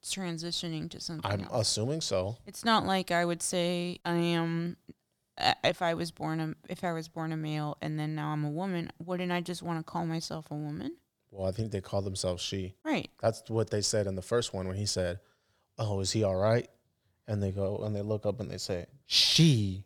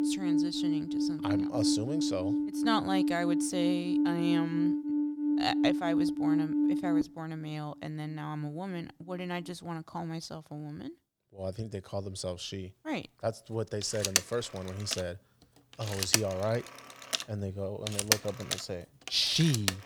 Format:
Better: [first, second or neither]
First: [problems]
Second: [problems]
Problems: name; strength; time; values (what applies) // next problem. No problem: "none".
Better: first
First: none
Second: alarms or sirens; very loud; throughout; 4 dB above the speech